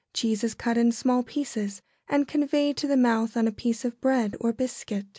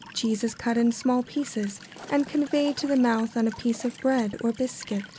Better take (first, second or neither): first